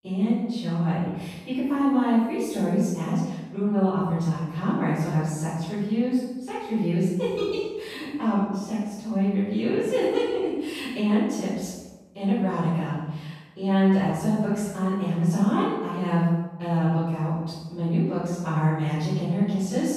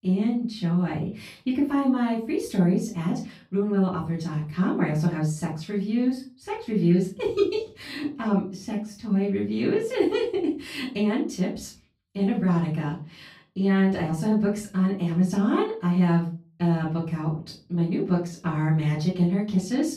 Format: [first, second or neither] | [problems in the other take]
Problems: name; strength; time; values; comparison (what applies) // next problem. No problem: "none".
second | room echo; strong; dies away in 0.9 s; slight in the second // off-mic speech; far; far in the second